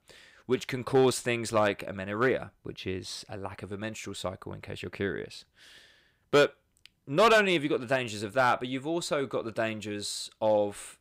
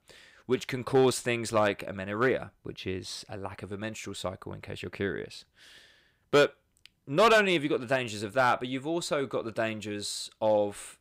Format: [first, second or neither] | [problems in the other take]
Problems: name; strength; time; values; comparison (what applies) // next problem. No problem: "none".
neither | distortion; slight; 1.4% of the sound clipped; the same in both